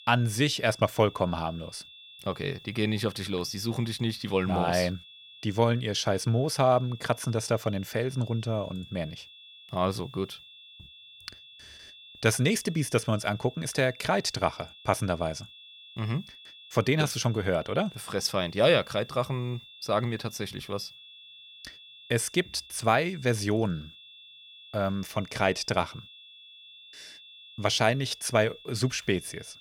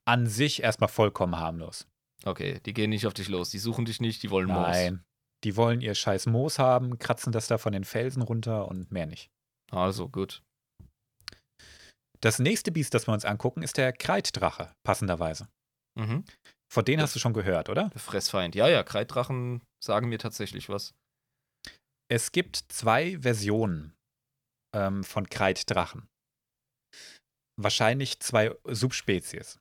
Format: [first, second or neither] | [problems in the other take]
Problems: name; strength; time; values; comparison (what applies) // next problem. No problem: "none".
second | high-pitched whine; noticeable; throughout; 3.5 kHz, 20 dB below the speech